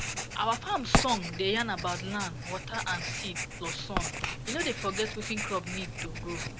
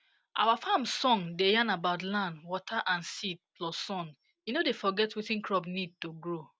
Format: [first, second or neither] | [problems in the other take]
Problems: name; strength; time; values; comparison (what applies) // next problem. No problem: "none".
second | background sound (Writing); 1 dB below the speech